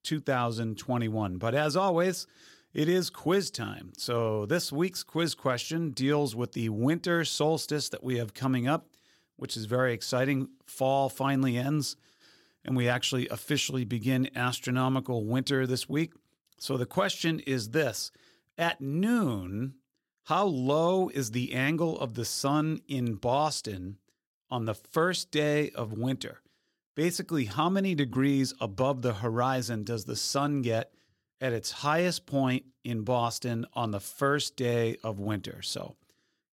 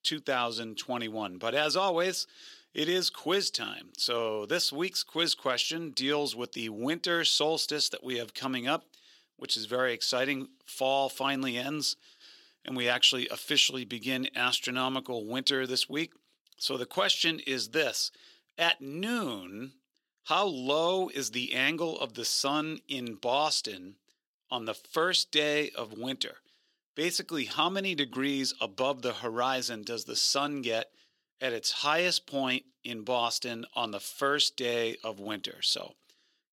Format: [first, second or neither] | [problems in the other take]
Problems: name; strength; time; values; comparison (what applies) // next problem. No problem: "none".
first | thin; very slightly; fading below 300 Hz